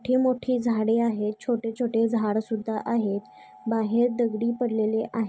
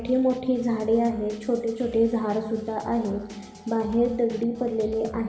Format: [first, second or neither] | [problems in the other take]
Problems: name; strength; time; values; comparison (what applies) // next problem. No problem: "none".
first | background sound (Drum kit); 19 dB below the speech // room echo; dies away in 2 s